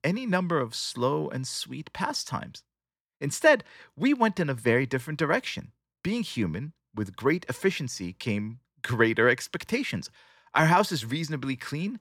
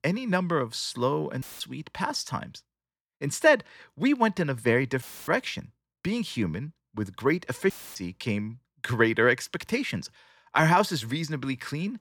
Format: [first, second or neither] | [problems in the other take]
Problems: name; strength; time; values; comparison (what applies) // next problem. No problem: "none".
first | audio cutting out; filled with static; at 1.5 s, at 5 s and at 7.5 s